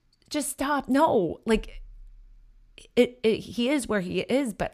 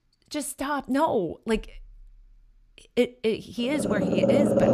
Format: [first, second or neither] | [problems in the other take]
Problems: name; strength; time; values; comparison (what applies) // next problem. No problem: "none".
first | animal sounds; very loud; at 4 s; 3 dB above the speech